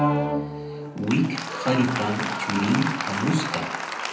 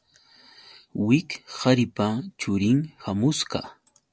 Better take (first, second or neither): second